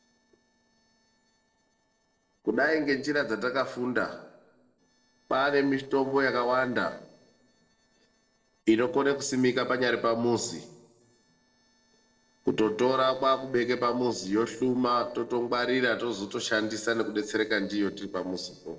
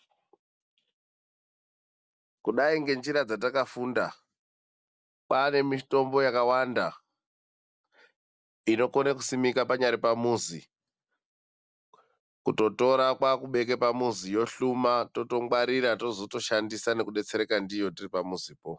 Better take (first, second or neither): second